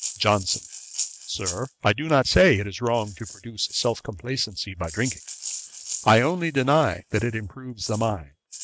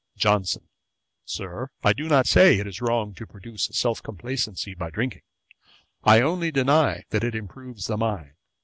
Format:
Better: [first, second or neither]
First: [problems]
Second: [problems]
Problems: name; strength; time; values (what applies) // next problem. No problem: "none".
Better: second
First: noise reduction (neural mask model RNNoise)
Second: none